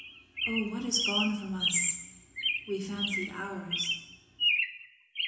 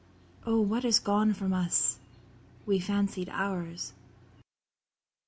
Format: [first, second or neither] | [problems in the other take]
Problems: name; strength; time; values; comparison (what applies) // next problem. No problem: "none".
second | background sound (Chirp, tweet); 1 dB above the speech // room echo; dies away in 1 s